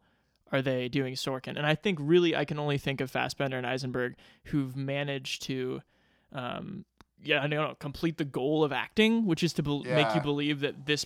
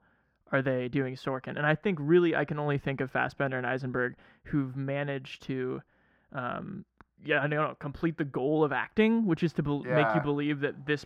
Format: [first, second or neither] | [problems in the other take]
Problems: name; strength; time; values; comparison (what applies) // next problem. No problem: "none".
first | muffled; very; fading above 3 kHz